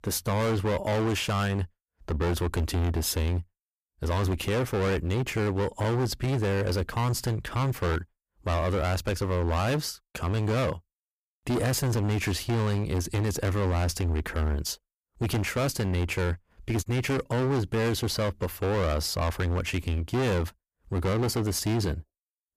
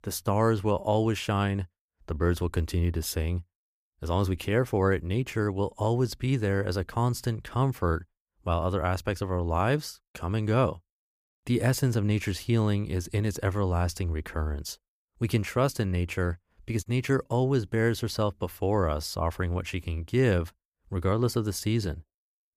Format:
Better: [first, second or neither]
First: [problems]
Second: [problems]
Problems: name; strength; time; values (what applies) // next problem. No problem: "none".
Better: second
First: distortion; heavy; 29% of the sound clipped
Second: none